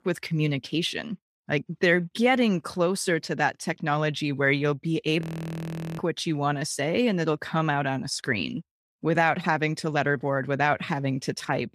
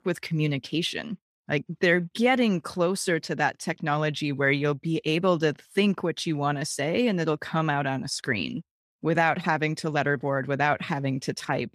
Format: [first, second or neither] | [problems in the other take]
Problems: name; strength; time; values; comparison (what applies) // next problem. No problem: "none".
second | audio freezing; at 5 s for 1 s